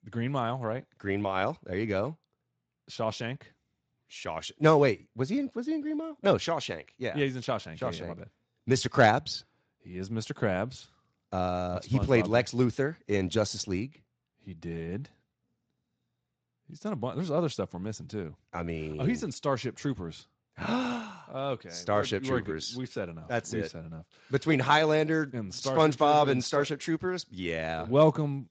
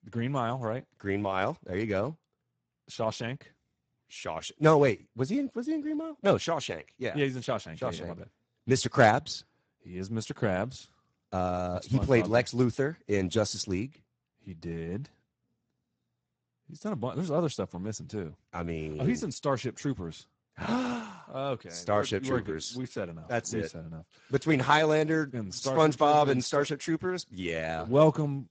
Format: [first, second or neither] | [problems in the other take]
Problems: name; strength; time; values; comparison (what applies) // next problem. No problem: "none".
first | garbled, watery; badly; nothing above 8 kHz; slightly in the first